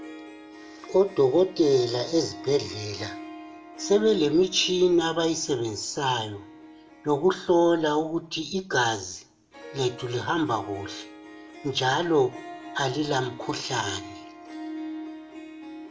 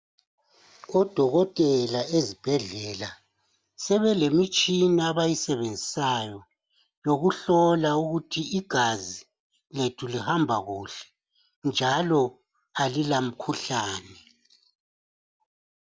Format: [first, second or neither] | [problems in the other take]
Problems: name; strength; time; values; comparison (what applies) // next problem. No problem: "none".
second | background sound (Harp); 15 dB below the speech // room echo; dies away in 0.3 s